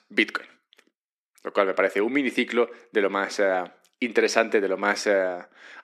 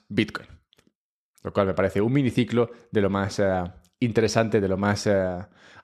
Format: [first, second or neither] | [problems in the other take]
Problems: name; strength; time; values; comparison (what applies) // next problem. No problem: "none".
second | thin; somewhat; fading below 250 Hz